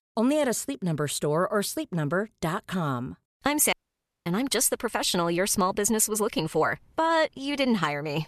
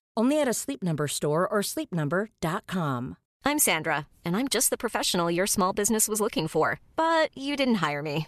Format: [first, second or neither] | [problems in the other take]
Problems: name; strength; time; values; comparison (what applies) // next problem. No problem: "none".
second | audio cutting out; at 3.5 s for 0.5 s